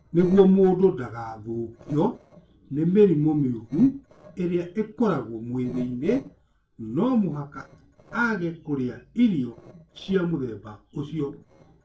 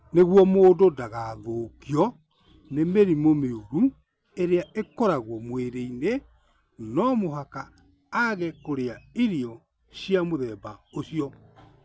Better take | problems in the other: second | noise reduction (neural separator model SepFormer DNS4)

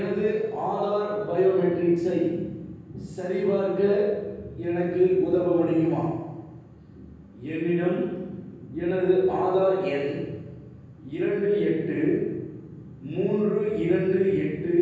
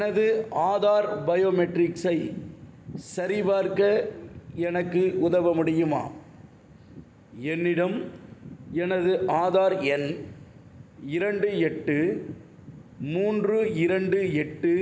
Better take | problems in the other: second | room echo; dies away in 1.3 s

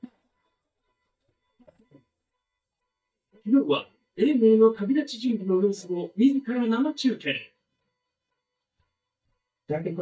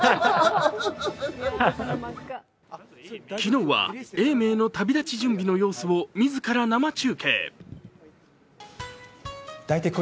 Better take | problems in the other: second | noise reduction (neural mask model DeepFilterNet 3)

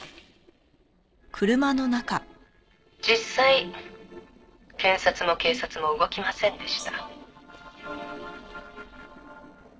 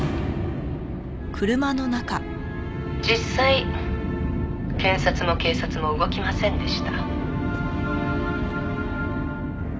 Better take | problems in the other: second | noise reduction (neural separator model SepFormer DNS4)

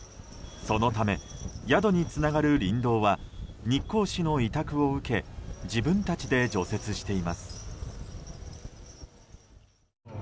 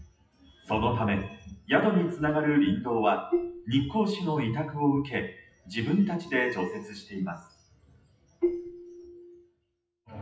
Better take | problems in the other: first | noise reduction (classical method WPE with log-MMSE)

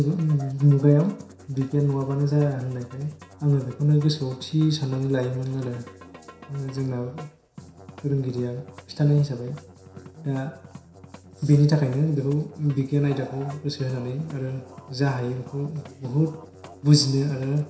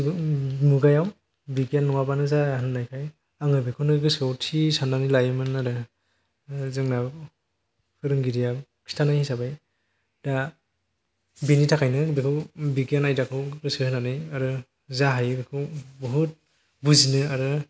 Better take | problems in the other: second | background sound (Musical instrument); 20 dB below the speech // room echo; dies away in 0.7 s

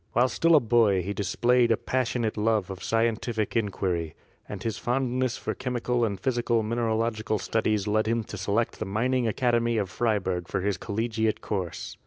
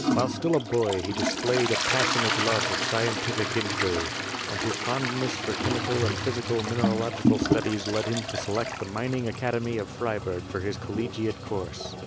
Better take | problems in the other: first | background sound (Toilet flush); as loud as the speech

